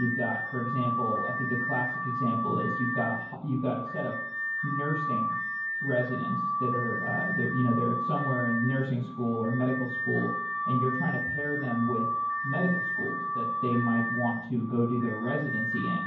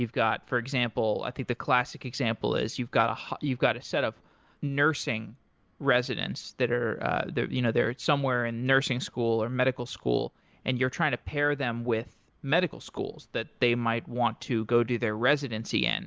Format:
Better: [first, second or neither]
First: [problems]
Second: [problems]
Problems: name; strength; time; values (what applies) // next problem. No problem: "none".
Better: second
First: background sound (Alarm / Car); 2 dB below the speech // room echo; dies away in 0.9 s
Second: none